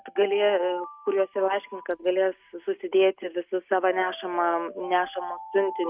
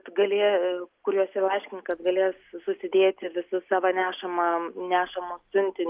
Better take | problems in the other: second | noise reduction (neural mask model RNNoise)

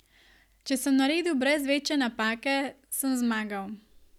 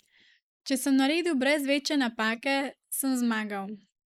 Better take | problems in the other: first | noise reduction (neural mask model Resemble Enhance denoiser)

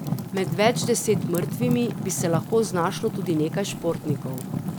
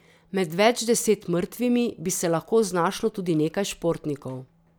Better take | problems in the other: second | background sound (Fire); 4 dB below the speech

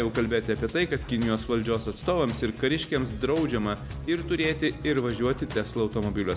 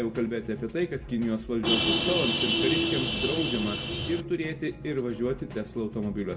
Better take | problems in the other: first | background sound (Vehicle horn, car horn, honking); 2 dB above the speech // room echo; dies away in 0.1 s

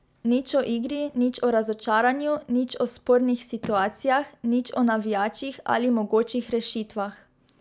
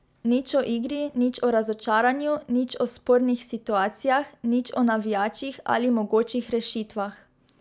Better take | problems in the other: second | background sound (Telephone); 18 dB below the speech

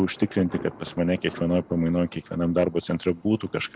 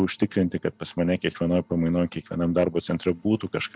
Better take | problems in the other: second | background sound (Thunder); 20 dB below the speech

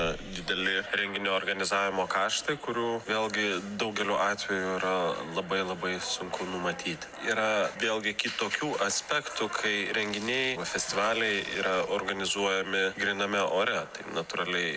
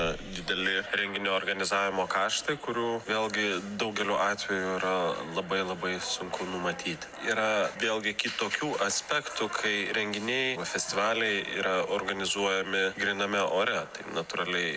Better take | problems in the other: second | background sound (Tearing); 18 dB below the speech

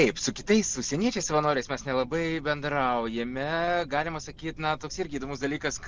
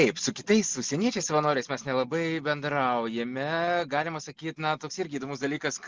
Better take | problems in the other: second | background sound (Fire); 18 dB below the speech

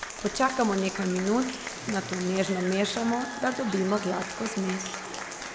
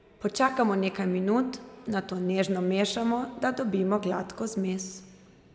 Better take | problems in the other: second | background sound (Applause / Crowd); 9 dB below the speech

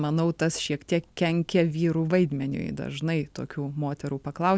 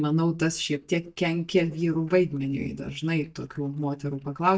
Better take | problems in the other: first | noise reduction (neural mask model DeepFilterNet 3)

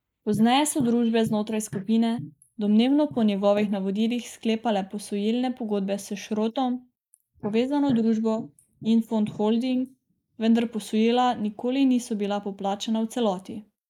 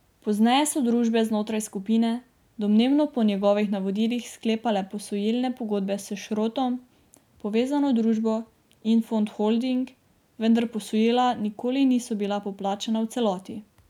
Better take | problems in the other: second | noise reduction (neural mask model Resemble Enhance denoiser)

